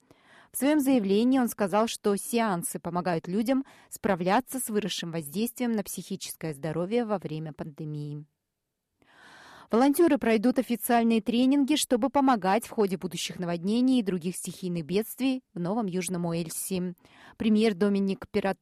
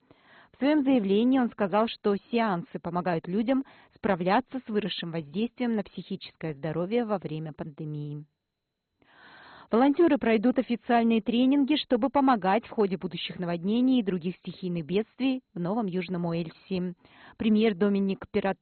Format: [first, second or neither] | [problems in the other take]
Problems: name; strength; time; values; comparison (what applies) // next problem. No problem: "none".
first | garbled, watery; badly; nothing above 4 kHz